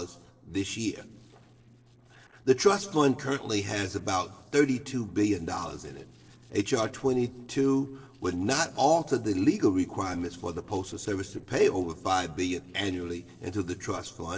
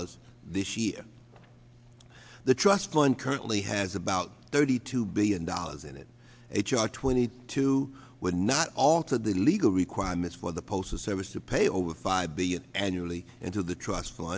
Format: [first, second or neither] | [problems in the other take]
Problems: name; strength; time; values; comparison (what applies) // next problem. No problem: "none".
second | noise reduction (neural separator model SepFormer DNS4)